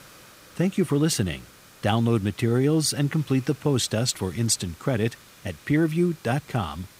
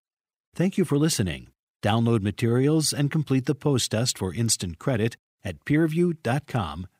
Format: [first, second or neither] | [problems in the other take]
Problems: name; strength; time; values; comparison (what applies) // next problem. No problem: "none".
second | hiss; faint; throughout; 25 dB below the speech